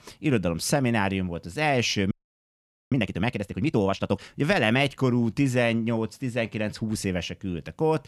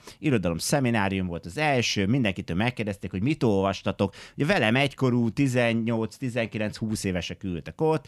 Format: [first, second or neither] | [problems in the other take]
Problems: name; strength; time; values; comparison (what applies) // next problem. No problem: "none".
second | audio freezing; at 2 s for 1 s